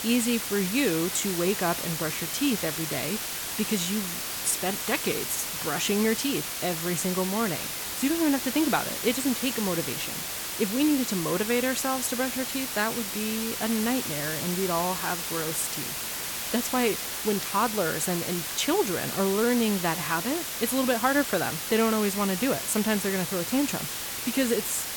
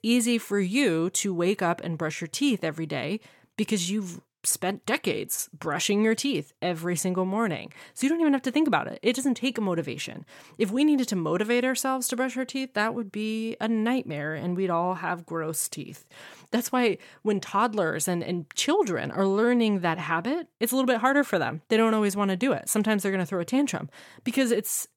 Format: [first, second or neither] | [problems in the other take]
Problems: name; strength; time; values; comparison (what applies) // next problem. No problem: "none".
second | hiss; loud; throughout; 2 dB below the speech